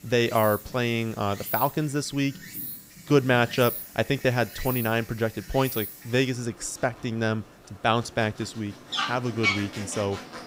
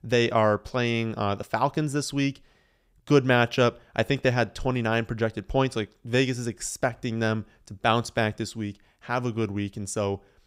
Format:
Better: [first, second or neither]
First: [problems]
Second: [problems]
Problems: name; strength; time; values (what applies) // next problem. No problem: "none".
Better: second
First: animal sounds; loud; throughout; 6 dB below the speech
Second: none